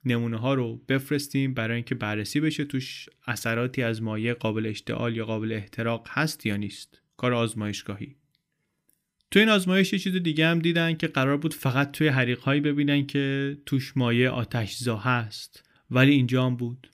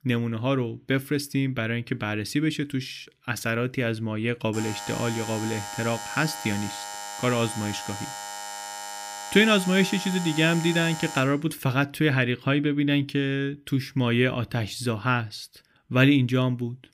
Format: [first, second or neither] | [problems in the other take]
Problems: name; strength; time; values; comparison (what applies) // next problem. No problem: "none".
first | alarm; noticeable; from 4.5 to 11 s; peak 9 dB below the speech